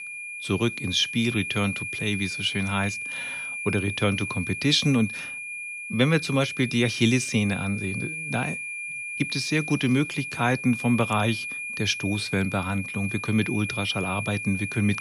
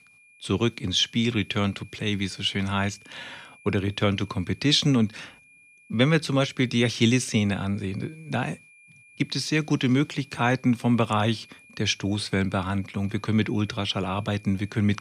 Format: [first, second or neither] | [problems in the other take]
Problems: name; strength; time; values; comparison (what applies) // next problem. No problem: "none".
second | high-pitched whine; loud; throughout; 2.5 kHz, 6 dB below the speech; faint in the second